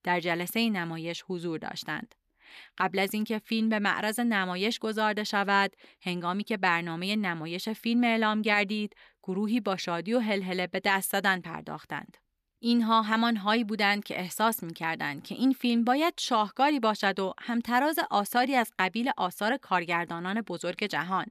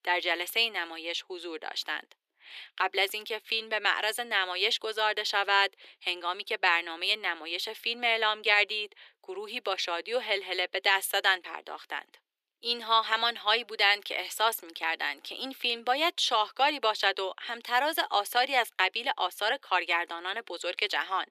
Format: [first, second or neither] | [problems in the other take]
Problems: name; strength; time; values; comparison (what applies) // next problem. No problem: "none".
first | thin; very; fading below 350 Hz